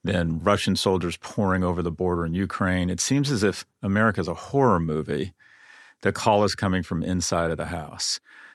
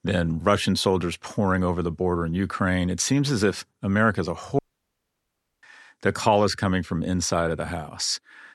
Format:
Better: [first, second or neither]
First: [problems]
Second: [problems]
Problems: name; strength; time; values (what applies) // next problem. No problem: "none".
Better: first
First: none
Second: audio cutting out; at 4.5 s for 1 s